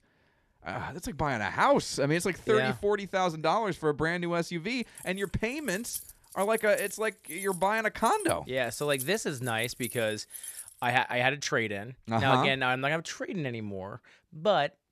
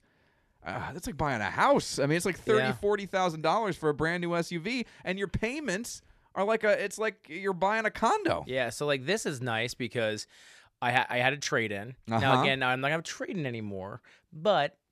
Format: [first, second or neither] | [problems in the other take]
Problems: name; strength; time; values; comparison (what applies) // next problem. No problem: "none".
second | jangling keys; noticeable; from 5 to 11 s; peak 9 dB below the speech